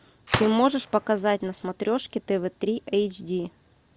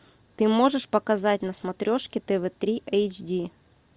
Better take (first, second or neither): second